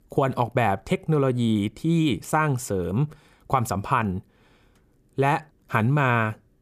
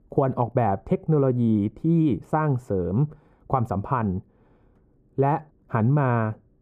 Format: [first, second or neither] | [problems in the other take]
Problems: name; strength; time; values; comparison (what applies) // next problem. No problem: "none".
first | muffled; very; fading above 2 kHz